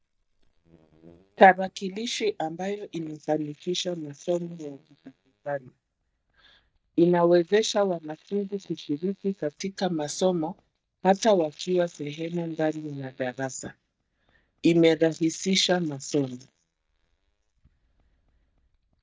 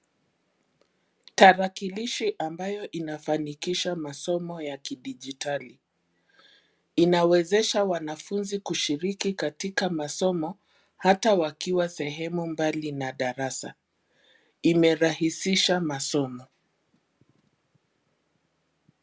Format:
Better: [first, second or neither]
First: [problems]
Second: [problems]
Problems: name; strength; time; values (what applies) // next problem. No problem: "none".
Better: second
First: noise reduction (neural mask model DeepFilterNet 3)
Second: none